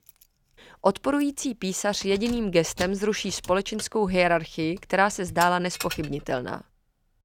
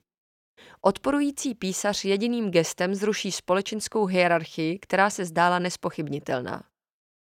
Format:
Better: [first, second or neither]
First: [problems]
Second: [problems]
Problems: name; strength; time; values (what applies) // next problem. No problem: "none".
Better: second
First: jangling keys; noticeable; until 6 s; peak 7 dB below the speech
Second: none